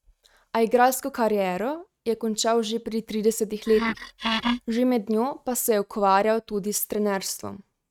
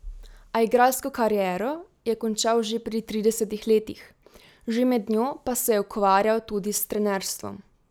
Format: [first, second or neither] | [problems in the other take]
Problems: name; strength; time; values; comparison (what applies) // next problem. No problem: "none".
second | noise reduction (neural mask model RNNoise)